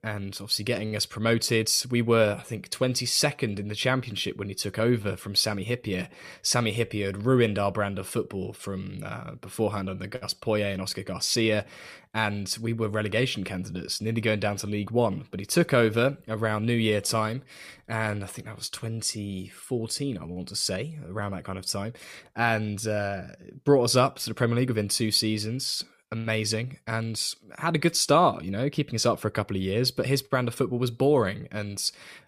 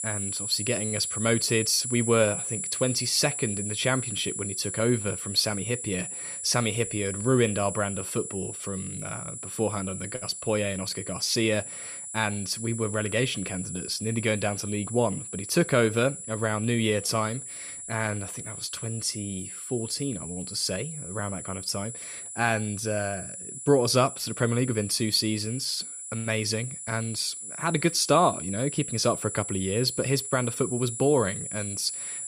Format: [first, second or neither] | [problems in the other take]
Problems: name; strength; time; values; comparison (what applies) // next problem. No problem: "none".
first | high-pitched whine; loud; throughout; 10 kHz, 6 dB below the speech